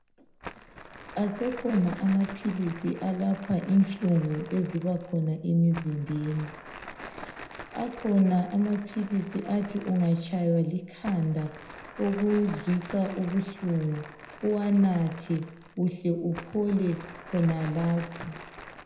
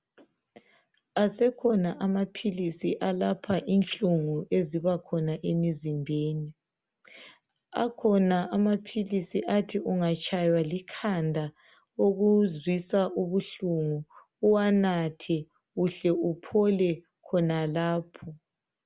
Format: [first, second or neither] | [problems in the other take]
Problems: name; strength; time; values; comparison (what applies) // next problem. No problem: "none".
second | background sound (Crumpling, crinkling); 17 dB below the speech // room echo; dies away in 0.7 s